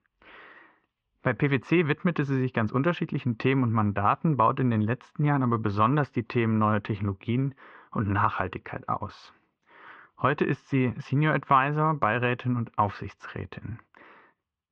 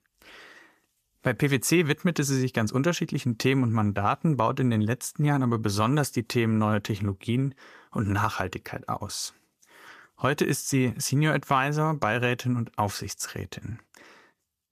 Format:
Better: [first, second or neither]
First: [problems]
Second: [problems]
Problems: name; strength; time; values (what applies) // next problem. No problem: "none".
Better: second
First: muffled; very; fading above 3 kHz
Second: none